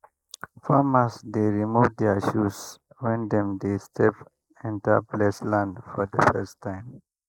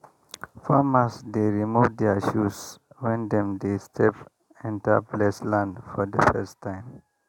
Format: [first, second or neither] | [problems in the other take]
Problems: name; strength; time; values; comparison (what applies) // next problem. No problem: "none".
second | noise reduction (neural mask model Resemble Enhance denoiser)